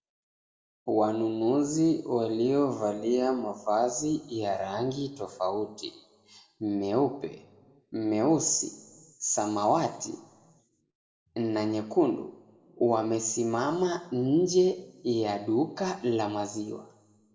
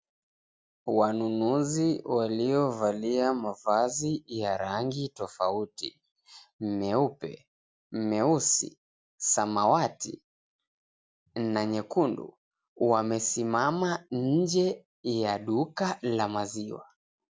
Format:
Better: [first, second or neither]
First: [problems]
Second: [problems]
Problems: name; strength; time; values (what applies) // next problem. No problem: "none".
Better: second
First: room echo; dies away in 1.2 s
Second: none